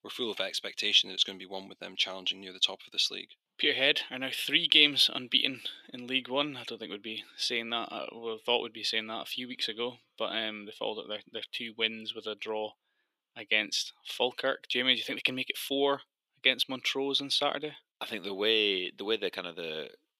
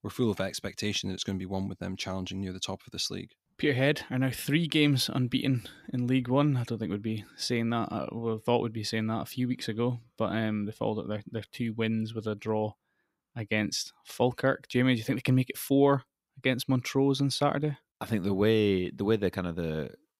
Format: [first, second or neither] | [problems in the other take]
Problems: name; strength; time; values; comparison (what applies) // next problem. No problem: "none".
second | thin; somewhat; fading below 450 Hz